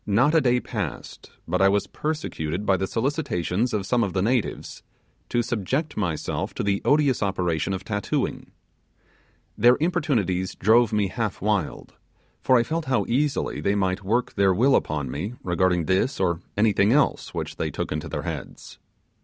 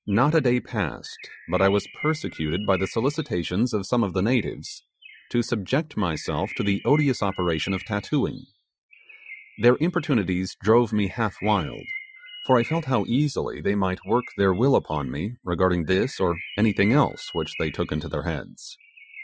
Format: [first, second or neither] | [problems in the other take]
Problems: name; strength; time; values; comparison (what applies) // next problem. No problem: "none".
first | noise reduction (classical method Wiener filter)